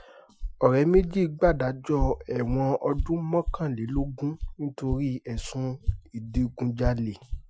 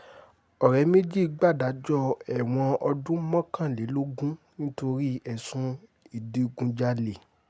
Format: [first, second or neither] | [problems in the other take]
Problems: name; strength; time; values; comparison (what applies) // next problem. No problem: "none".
second | noise reduction (classical method Wiener filter)